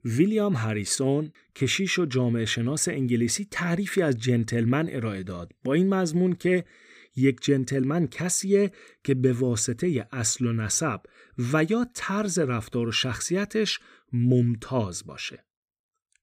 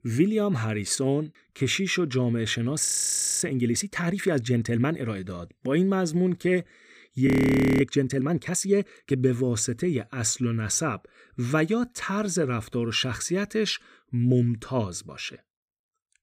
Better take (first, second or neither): first